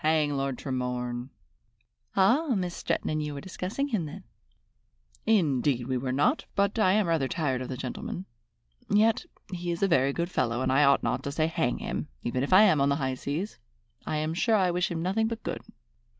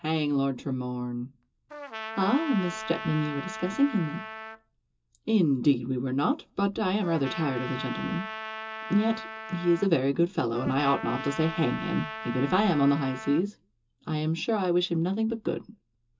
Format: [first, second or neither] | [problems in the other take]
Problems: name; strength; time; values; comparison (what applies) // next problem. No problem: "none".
first | background sound (Trumpet); 10 dB below the speech // room echo; dies away in 0.2 s